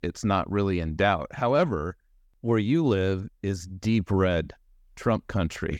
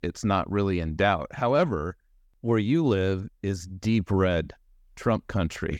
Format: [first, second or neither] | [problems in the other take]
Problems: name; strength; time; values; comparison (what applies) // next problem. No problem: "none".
neither | none